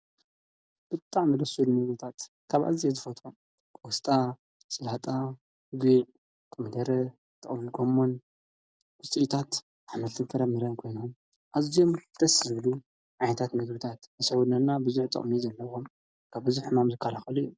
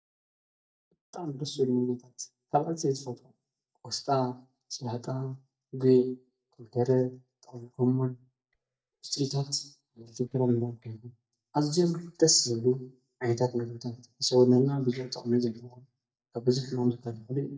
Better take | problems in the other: first | noise reduction (neural mask model DeepFilterNet 3)

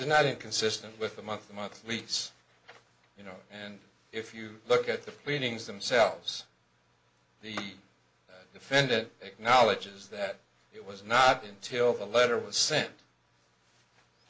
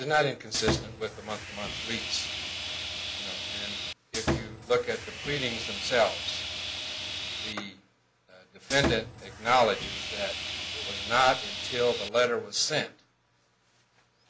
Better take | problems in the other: first | background sound (Sawing); 3 dB below the speech

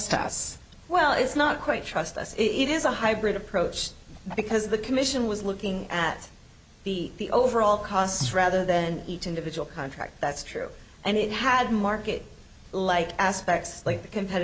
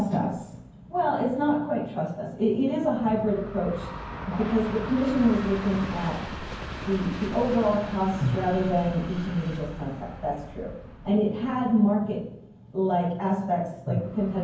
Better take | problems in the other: first | background sound (Train); 12 dB below the speech // room echo; dies away in 0.9 s

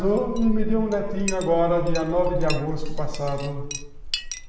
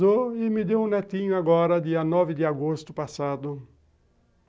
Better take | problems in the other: second | background sound (Chink, clink); 2 dB below the speech // room echo; dies away in 1 s

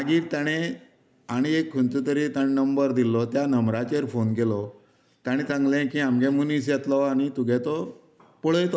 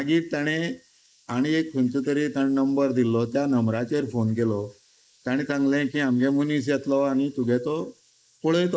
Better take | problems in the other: first | noise reduction (neural mask model Resemble Enhance denoiser)

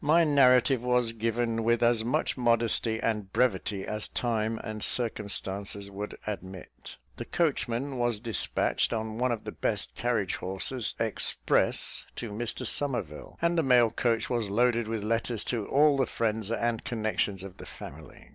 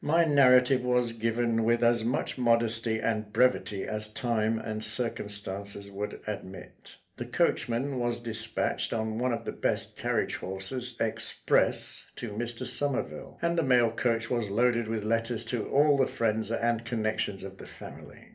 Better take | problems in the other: first | room echo; dies away in 0.3 s

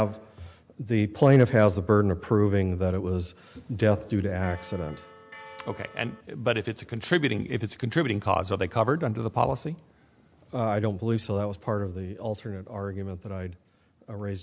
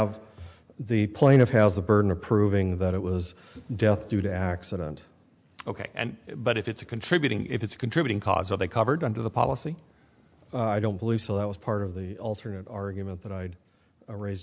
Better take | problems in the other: second | background sound (Bell); 19 dB below the speech

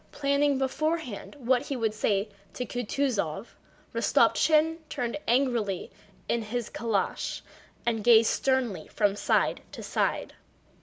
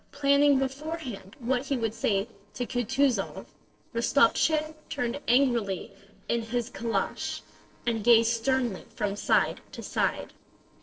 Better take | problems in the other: first | noise reduction (neural separator model SepFormer DNS4)

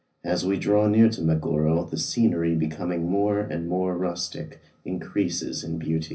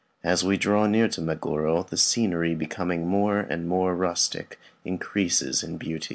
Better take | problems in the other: second | room echo; dies away in 0.4 s

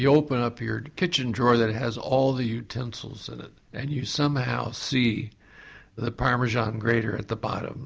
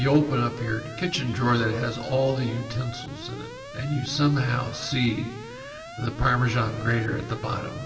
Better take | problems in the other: first | background sound (Alarm); 14 dB below the speech // room echo; dies away in 2.2 s

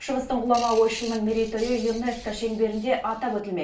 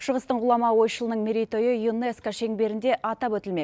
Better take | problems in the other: second | background sound (Bird); 17 dB below the speech // room echo; dies away in 0.4 s

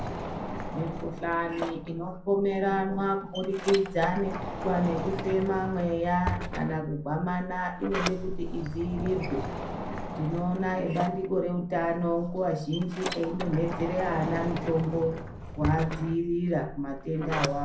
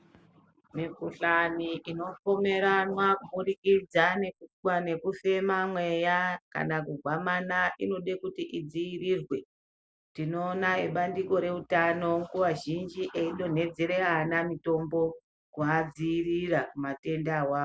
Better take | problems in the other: second | background sound (Sliding door); 7 dB below the speech // room echo; dies away in 0.6 s

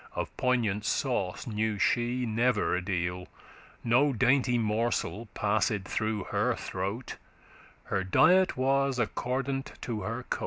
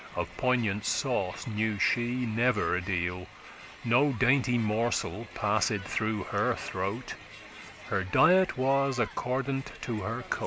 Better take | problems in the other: first | background sound (Crowd); 17 dB below the speech

